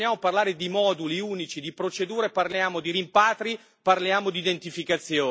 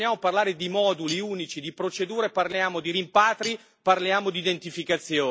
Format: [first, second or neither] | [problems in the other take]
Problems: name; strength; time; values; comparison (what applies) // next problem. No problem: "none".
first | background sound (Cutlery, silverware); 19 dB below the speech